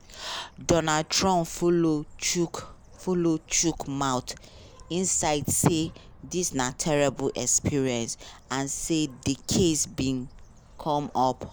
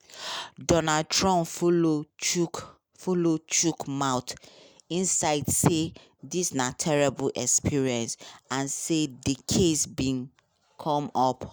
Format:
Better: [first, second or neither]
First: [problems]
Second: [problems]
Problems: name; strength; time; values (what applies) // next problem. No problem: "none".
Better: second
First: background sound (Bird); 20 dB below the speech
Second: none